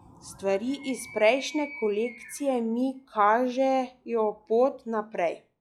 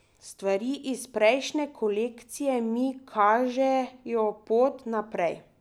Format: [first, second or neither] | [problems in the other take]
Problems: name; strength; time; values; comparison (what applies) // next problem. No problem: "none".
second | noise reduction (classical method log-MMSE)